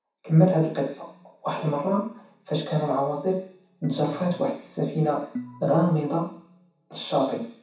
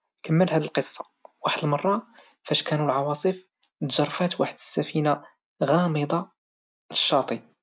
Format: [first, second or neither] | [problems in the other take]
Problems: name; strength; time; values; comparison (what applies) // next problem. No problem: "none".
second | background sound (Organ); 14 dB below the speech // room echo; dies away in 0.7 s